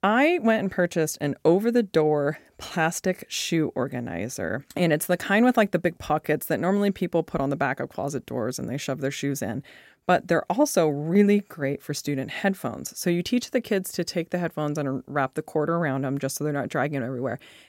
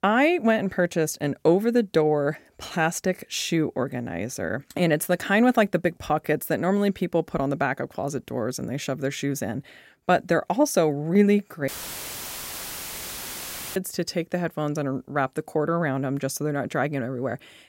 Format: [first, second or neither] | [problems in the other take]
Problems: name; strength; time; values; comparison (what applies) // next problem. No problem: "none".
first | audio cutting out; filled with static; at 12 s for 2 s